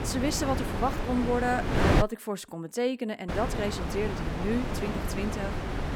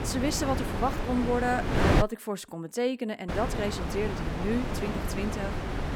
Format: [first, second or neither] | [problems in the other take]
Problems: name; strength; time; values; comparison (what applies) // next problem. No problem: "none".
neither | wind noise on the microphone; heavy; until 2 s and from 3.5 s on; 2 dB below the speech; the same in both